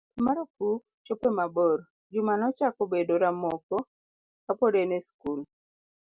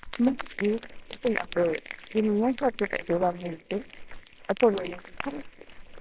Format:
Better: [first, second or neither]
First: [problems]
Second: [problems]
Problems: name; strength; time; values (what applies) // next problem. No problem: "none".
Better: first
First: none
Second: noise reduction (neural separator model SepFormer WHAMR!)